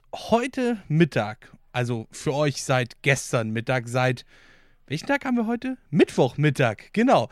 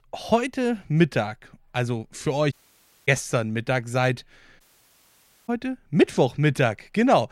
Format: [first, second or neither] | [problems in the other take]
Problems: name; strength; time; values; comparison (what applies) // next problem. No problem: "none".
first | audio cutting out; at 2.5 s for 0.5 s and at 4.5 s for 1 s